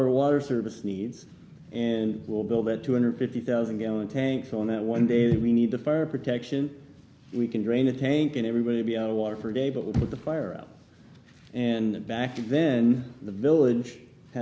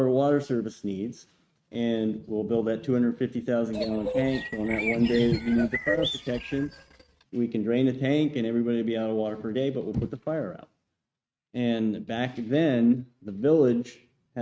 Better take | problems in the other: first | noise reduction (neural mask model RNNoise)

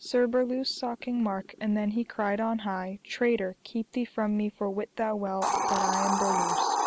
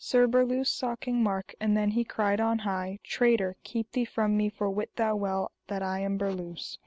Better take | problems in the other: second | background sound (Hiss); 4 dB below the speech

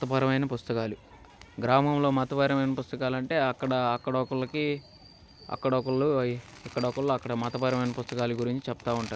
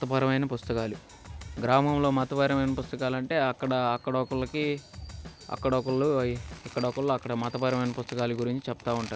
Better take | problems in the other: first | background sound (Drum kit); 16 dB below the speech

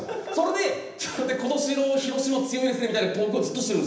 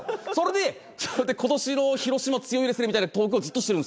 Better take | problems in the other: second | room echo; dies away in 0.9 s

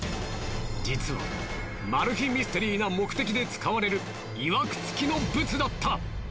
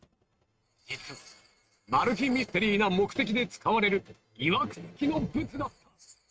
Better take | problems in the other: first | noise reduction (neural mask model RNNoise)

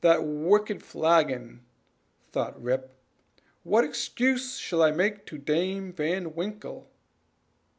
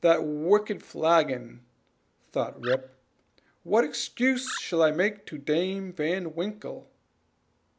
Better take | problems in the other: first | background sound (Animal); 15 dB below the speech

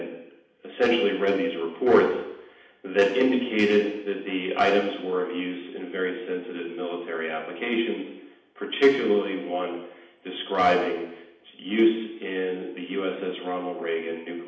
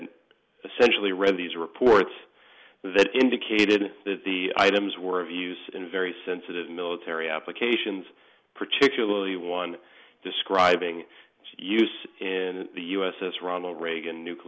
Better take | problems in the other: second | room echo; dies away in 0.8 s

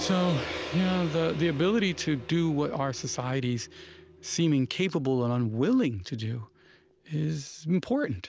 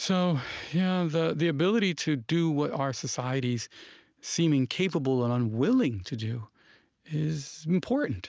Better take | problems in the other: second | background sound (Gong); 14 dB below the speech

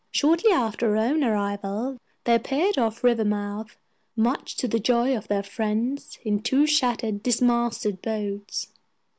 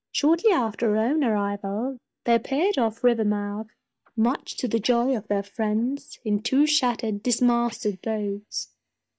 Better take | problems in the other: first | noise reduction (neural mask model DeepFilterNet 3)

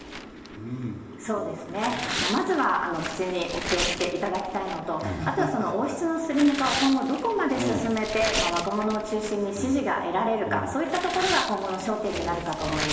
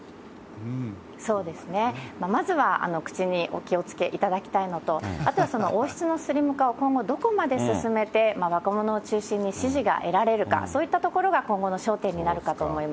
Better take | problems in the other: second | background sound (Tearing); 8 dB below the speech // room echo; dies away in 1 s

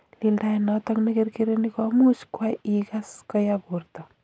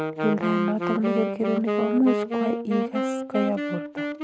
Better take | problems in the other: first | background sound (Wind instrument, woodwind instrument); 1 dB below the speech

